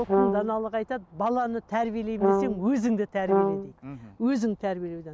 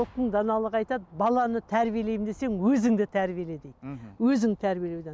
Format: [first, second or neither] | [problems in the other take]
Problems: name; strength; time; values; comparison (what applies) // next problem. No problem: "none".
second | background sound (Brass instrument); 2 dB above the speech